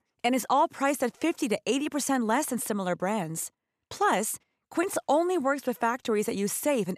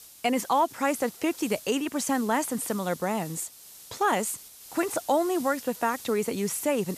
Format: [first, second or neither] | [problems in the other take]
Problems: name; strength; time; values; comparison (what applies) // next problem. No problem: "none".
first | hiss; noticeable; throughout; 15 dB below the speech